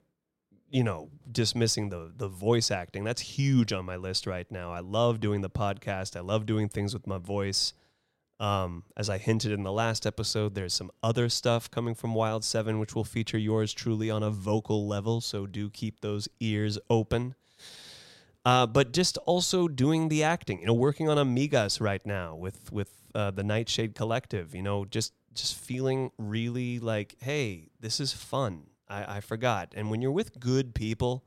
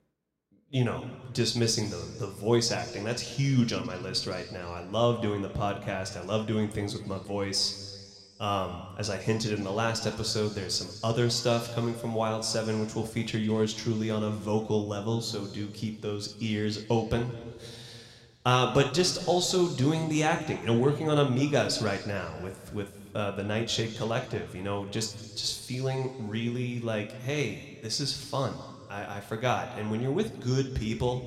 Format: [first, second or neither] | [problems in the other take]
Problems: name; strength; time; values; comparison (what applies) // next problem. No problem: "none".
first | room echo; slight; dies away in 1.7 s